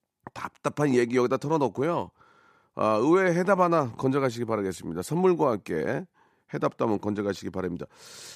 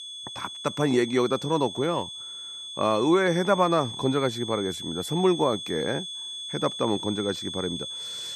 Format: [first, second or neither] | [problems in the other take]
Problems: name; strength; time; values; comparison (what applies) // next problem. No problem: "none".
first | high-pitched whine; loud; throughout; 3.5 kHz, 8 dB below the speech